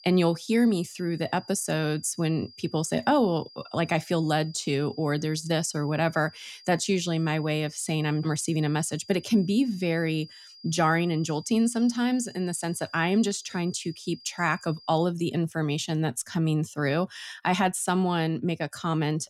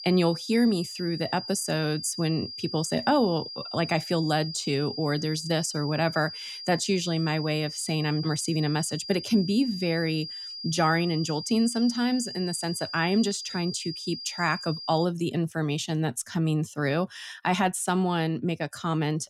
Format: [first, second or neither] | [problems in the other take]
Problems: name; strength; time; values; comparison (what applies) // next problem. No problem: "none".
first | high-pitched whine; loud; until 15 s; 5 kHz, 9 dB below the speech; faint in the first